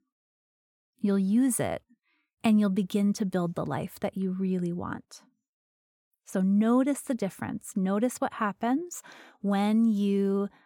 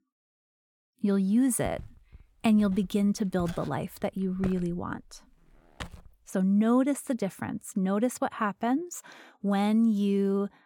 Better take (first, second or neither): first